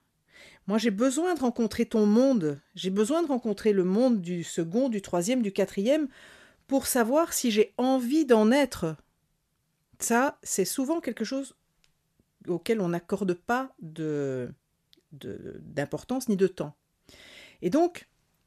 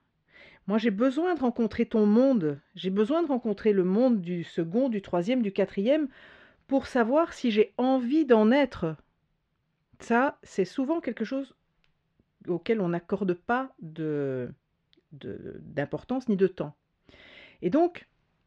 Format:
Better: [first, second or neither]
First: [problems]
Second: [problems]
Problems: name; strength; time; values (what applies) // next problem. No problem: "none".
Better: first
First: none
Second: muffled; slightly; fading above 3.5 kHz